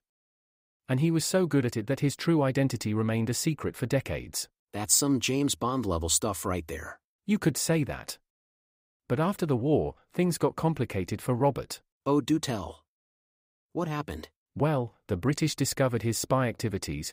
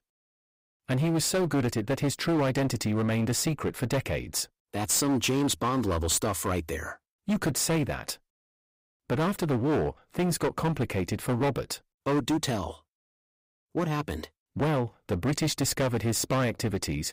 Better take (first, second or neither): first